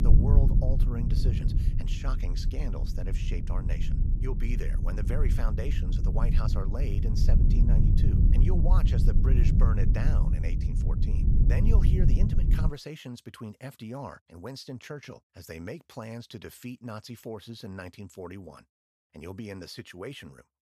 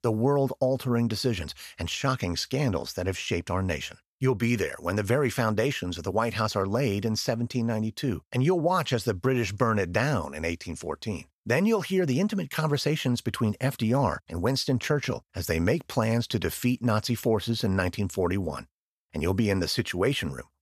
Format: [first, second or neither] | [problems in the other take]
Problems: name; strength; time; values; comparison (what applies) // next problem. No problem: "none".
second | low rumble; loud; until 13 s; as loud as the speech